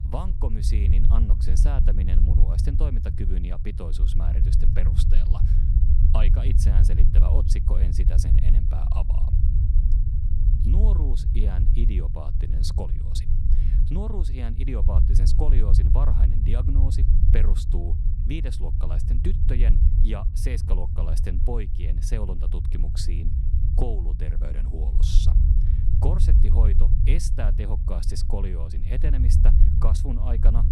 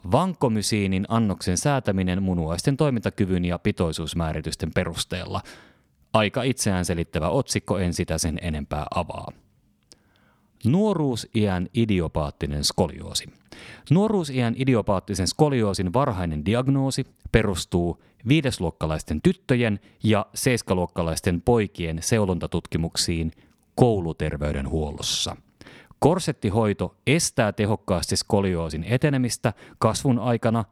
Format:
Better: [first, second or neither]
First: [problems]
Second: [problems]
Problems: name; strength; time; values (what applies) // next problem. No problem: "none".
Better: second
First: low rumble; loud; throughout; 3 dB below the speech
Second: none